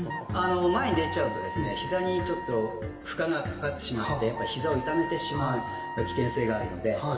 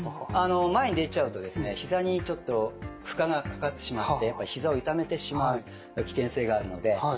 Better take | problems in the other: second | background sound (Wind instrument, woodwind instrument); 9 dB below the speech // room echo; dies away in 1.8 s

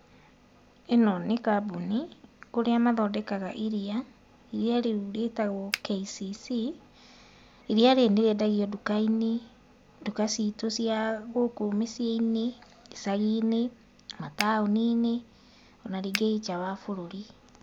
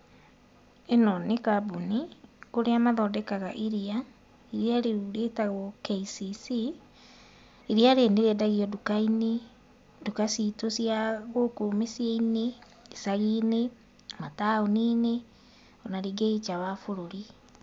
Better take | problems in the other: second | background sound (Finger snapping); 7 dB below the speech

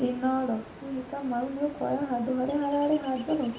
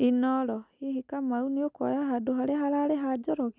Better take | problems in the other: second | background sound (Ocean); 17 dB below the speech // room echo; dies away in 0.5 s

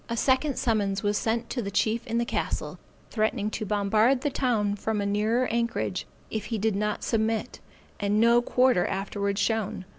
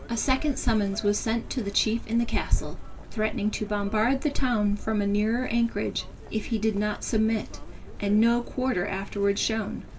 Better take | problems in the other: first | background sound (Chirp, tweet); 11 dB below the speech // room echo; dies away in 0.2 s

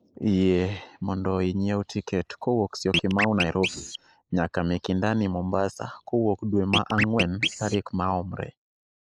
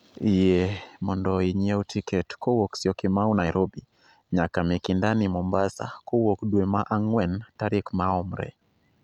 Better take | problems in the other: second | noise reduction (neural mask model Resemble Enhance denoiser)

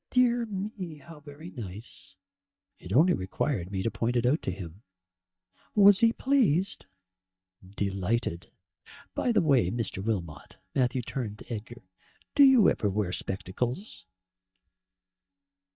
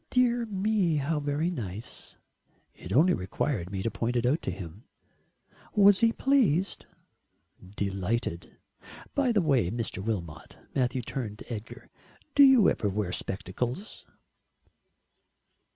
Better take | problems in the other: second | noise reduction (neural mask model DeepFilterNet 3)

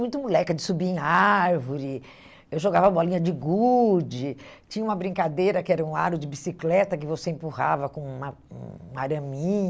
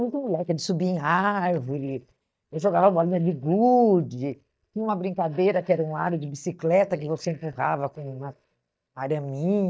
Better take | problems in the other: first | noise reduction (neural mask model DeepFilterNet 3)

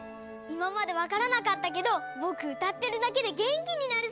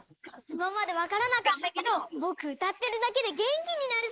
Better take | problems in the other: first | noise reduction (neural mask model Resemble Enhance denoiser)

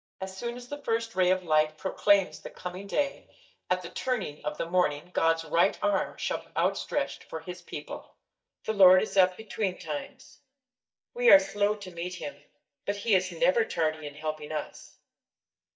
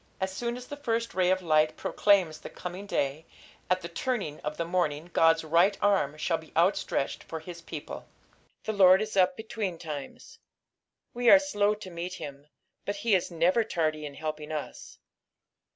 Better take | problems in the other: second | noise reduction (neural mask model DeepFilterNet 3)

